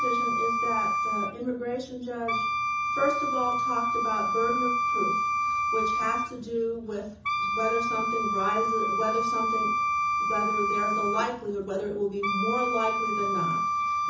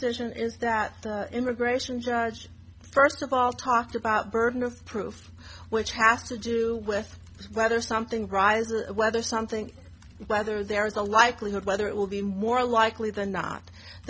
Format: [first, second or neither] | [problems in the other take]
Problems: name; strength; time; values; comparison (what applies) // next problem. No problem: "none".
second | background sound (Wind instrument, woodwind instrument); 4 dB above the speech // room echo; dies away in 0.6 s